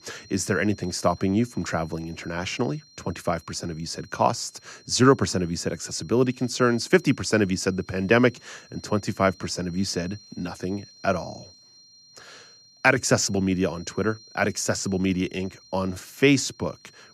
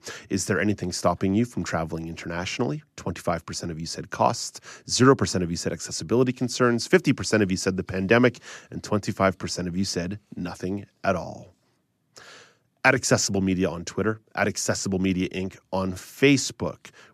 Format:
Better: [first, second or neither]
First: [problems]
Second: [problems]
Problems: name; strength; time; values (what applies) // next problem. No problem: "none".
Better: second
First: high-pitched whine; faint; throughout; 4 kHz, 25 dB below the speech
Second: none